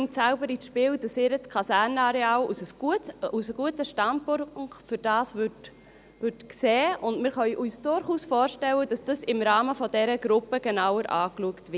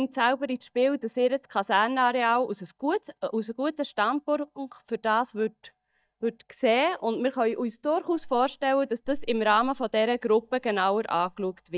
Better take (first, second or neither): first